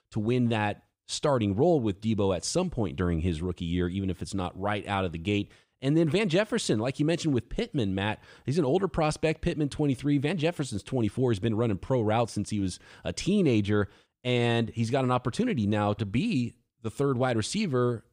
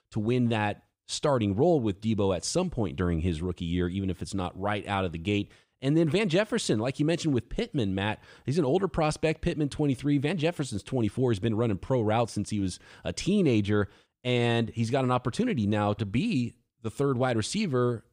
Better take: neither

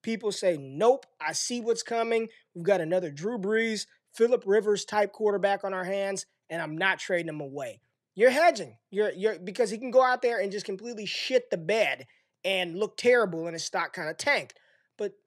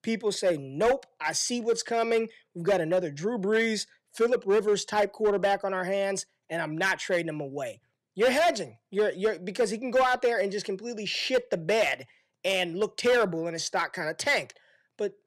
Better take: first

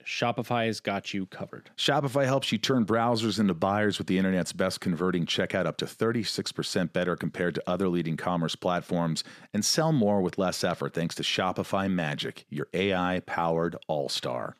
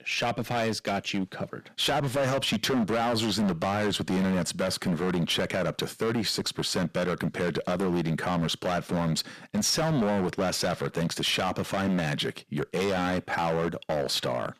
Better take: first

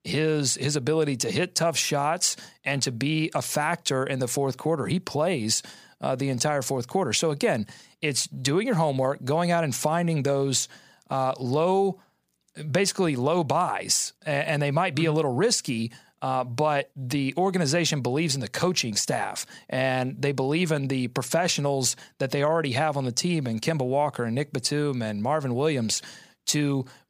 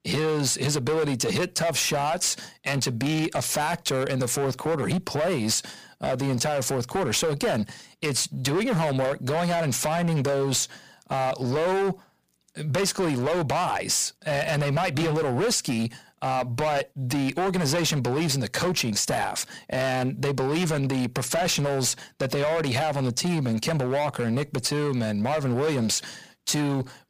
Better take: first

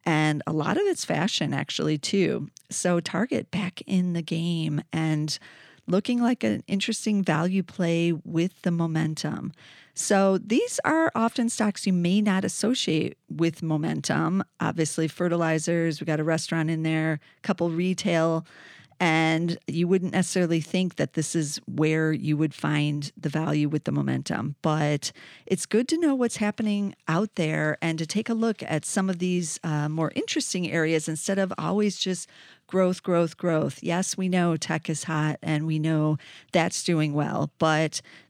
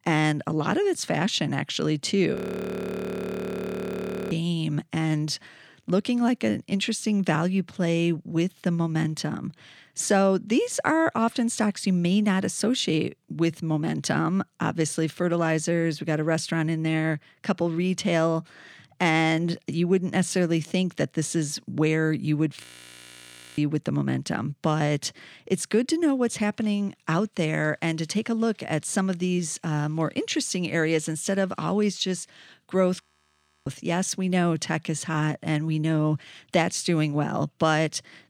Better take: first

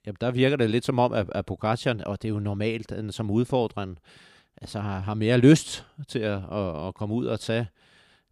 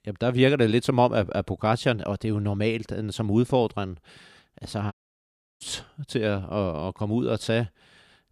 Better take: first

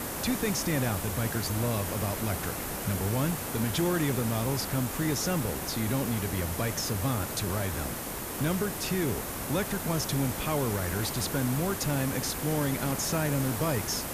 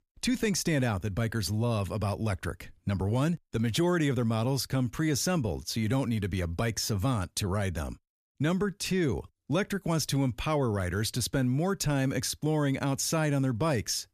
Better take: second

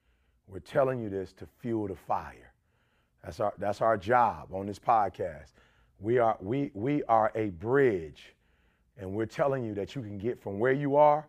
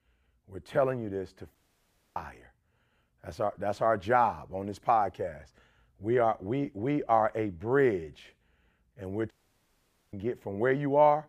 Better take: first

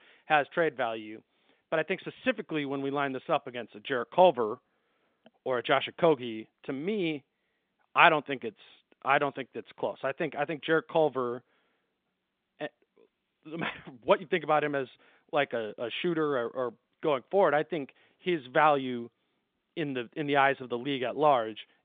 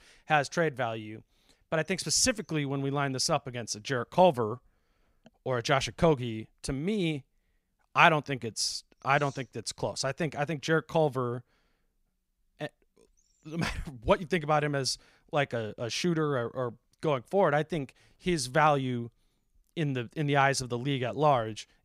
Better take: second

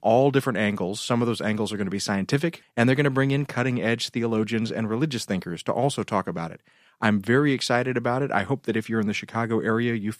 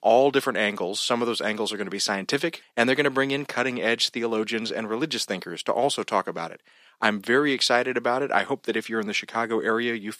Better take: first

